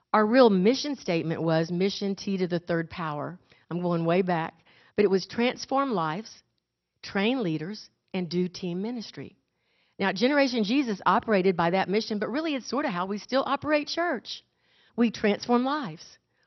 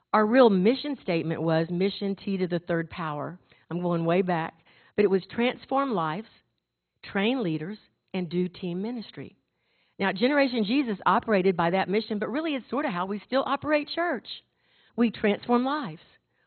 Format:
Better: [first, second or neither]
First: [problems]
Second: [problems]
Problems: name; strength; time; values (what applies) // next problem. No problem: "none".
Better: first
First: garbled, watery; slightly; nothing above 6 kHz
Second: garbled, watery; badly; nothing above 4 kHz